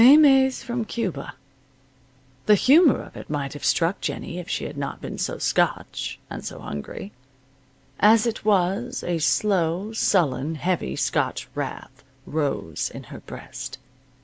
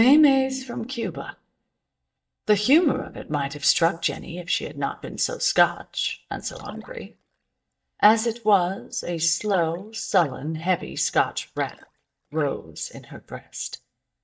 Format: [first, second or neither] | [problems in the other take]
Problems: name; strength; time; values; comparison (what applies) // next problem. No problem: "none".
first | noise reduction (neural mask model DeepFilterNet 3)